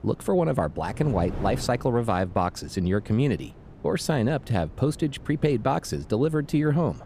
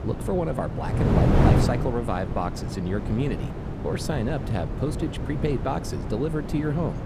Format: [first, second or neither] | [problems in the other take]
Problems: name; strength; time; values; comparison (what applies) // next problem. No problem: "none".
first | wind noise on the microphone; heavy; 3 dB below the speech; occasional gusts in the first